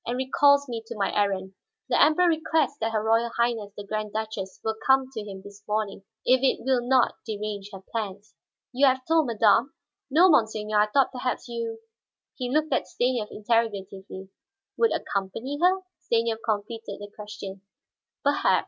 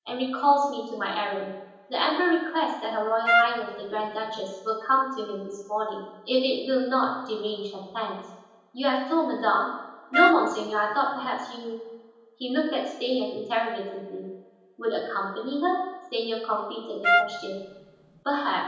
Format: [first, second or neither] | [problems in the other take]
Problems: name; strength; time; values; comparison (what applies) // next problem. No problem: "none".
first | background sound (Trumpet); 2 dB above the speech // room echo; dies away in 0.9 s